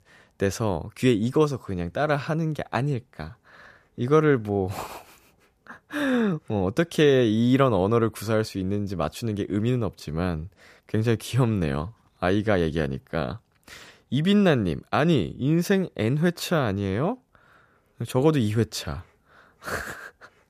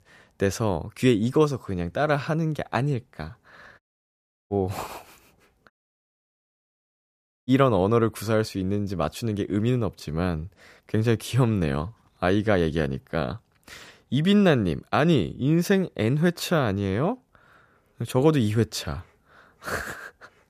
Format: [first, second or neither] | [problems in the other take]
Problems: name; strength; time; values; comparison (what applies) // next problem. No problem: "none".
first | audio cutting out; at 4 s for 0.5 s and at 5.5 s for 2 s